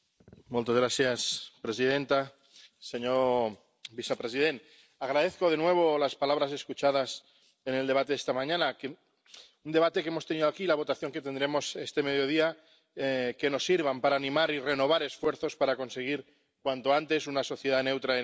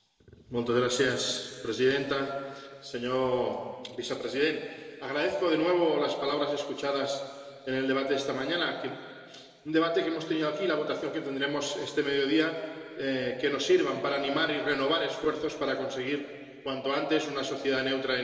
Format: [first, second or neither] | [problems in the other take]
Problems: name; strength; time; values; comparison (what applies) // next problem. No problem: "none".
first | room echo; dies away in 2.5 s